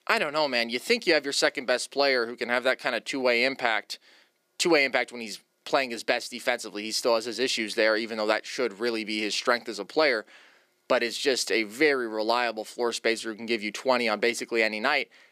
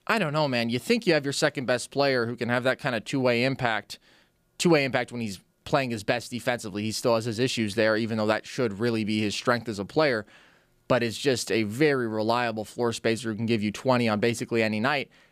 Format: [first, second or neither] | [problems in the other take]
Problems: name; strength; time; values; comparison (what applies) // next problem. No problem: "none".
second | thin; somewhat; fading below 300 Hz